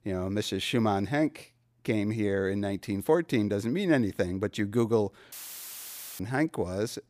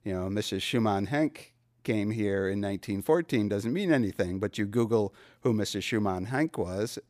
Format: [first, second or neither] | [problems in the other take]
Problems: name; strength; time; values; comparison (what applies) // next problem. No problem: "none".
second | audio cutting out; filled with static; at 5.5 s for 1 s